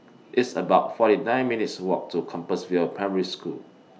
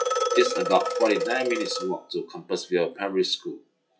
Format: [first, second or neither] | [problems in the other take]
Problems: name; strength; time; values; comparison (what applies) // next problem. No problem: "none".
first | noise reduction (classical method WPE with log-MMSE)